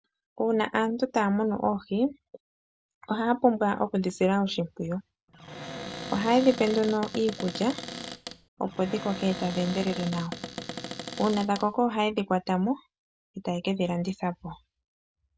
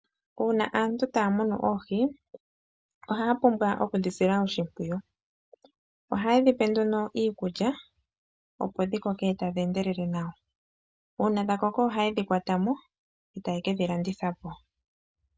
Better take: second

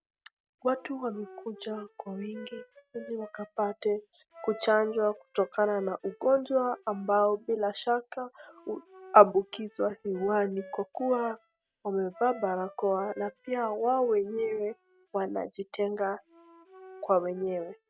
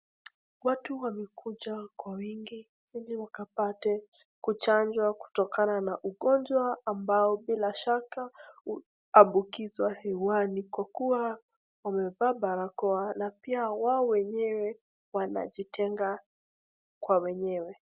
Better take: second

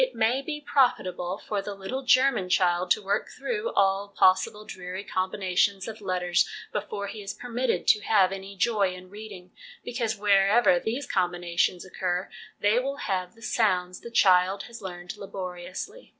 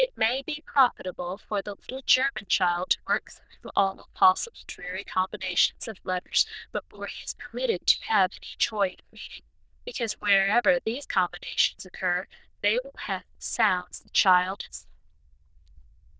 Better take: first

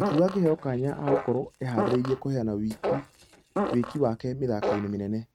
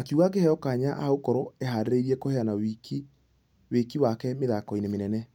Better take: second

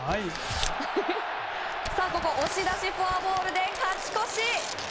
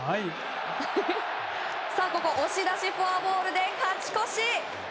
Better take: second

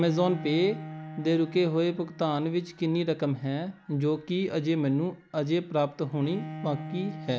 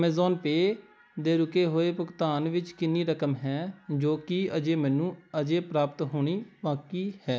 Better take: second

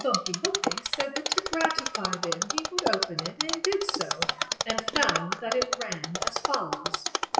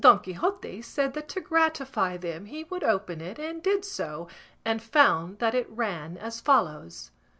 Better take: second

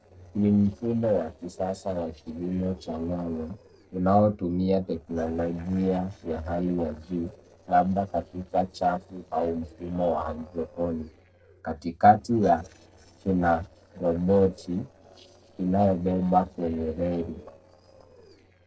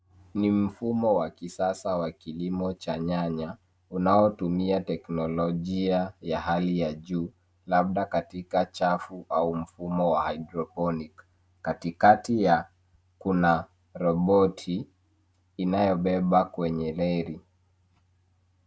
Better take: second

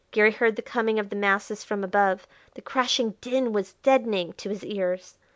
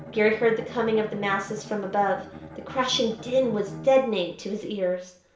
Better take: first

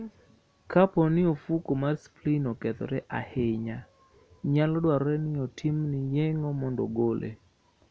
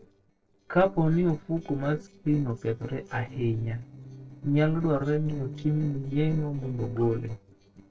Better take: first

